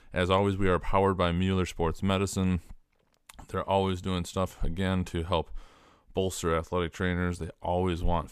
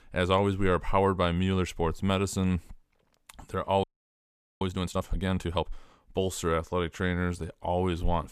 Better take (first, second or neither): first